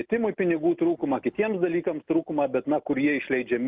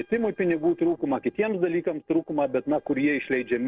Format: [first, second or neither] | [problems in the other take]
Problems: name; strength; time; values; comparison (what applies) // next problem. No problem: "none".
first | noise reduction (neural separator model SepFormer DNS4)